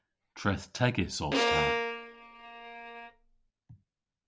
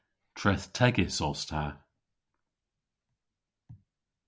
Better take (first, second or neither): second